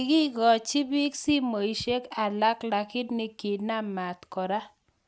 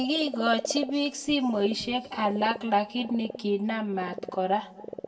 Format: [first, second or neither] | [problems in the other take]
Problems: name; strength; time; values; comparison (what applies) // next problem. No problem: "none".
first | background sound (Frog); 12 dB below the speech // room echo; dies away in 1.5 s